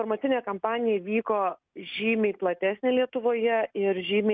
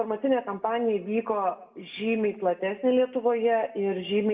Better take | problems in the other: first | room echo; dies away in 0.7 s

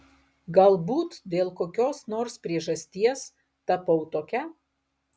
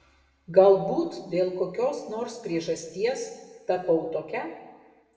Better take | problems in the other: first | room echo; dies away in 1 s

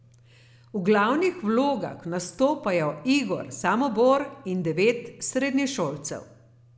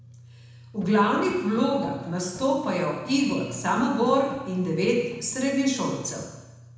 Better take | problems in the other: first | background sound (Drum); 19 dB below the speech // room echo; dies away in 1.1 s

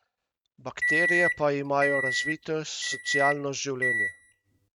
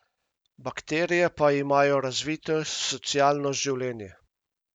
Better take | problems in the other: second | noise reduction (neural mask model RNNoise)

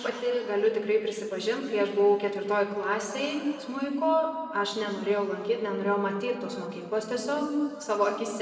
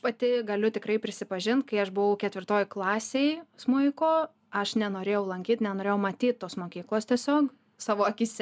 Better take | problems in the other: second | room echo; dies away in 2.3 s

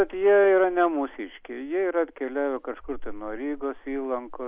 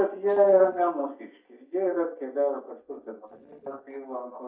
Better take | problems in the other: first | noise reduction (neural mask model DeepFilterNet 3)

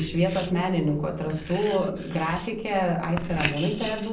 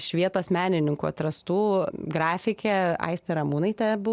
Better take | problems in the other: second | background sound (Writing); 11 dB below the speech // room echo; dies away in 0.6 s

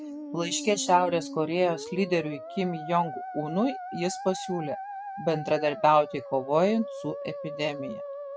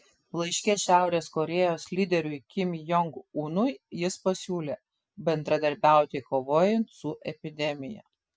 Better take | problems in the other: second | background sound (Musical instrument); 10 dB below the speech

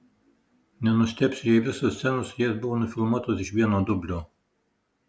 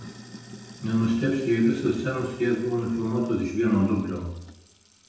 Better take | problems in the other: first | background sound (Sink (filling or washing)); 20 dB below the speech // room echo; dies away in 0.8 s

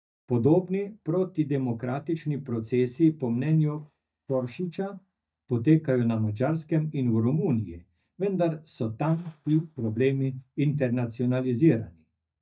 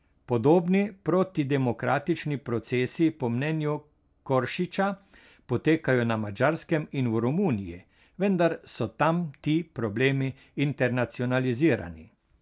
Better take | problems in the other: second | noise reduction (neural mask model DeepFilterNet 3)

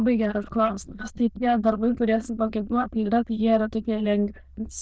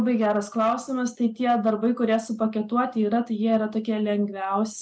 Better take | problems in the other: second | noise reduction (neural diffusion model UNIVERSE++)

